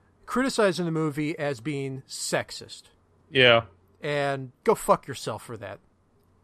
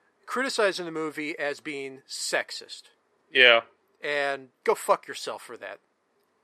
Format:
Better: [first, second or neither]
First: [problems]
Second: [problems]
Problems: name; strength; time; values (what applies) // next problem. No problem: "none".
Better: first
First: none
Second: thin; somewhat; fading below 400 Hz